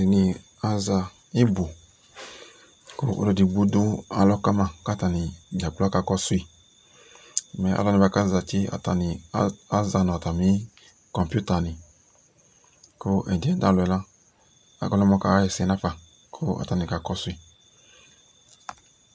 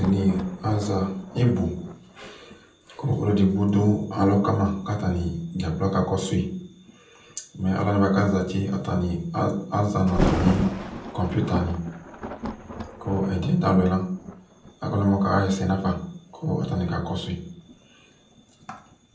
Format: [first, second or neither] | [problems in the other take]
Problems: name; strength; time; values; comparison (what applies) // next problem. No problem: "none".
first | background sound (Thunder); 11 dB below the speech // room echo; dies away in 0.6 s